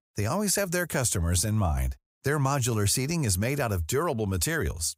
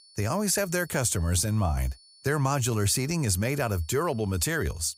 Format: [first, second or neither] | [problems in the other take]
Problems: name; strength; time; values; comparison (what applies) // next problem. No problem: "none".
first | high-pitched whine; faint; throughout; 4.5 kHz, 25 dB below the speech